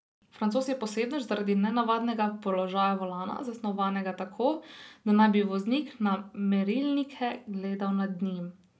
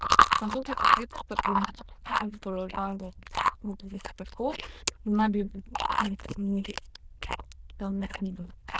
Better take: first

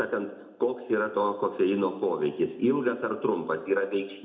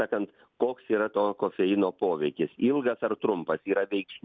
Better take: second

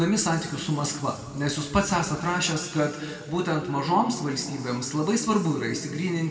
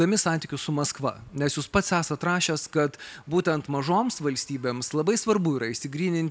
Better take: second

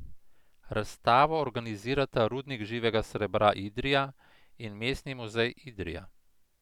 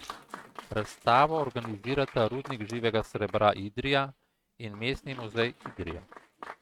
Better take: first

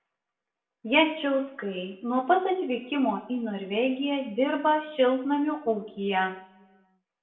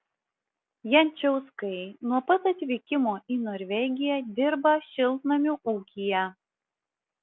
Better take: second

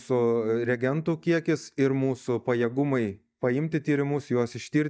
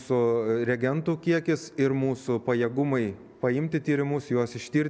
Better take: second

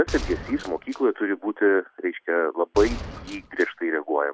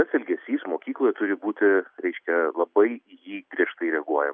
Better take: second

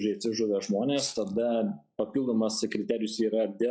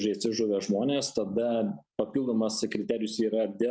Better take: second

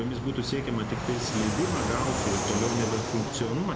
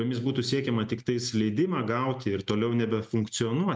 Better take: second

